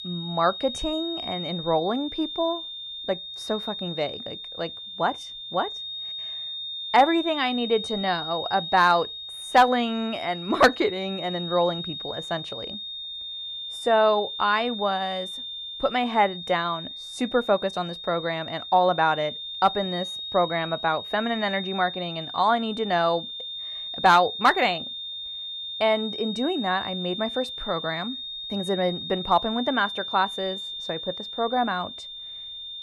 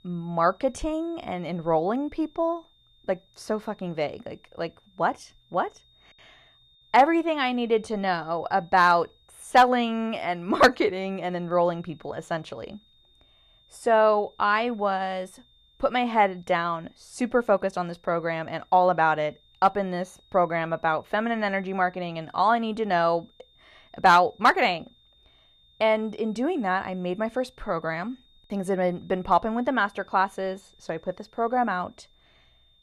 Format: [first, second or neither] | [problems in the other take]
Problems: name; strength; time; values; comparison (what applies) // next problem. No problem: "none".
second | high-pitched whine; loud; throughout; 3.5 kHz, 7 dB below the speech; faint in the second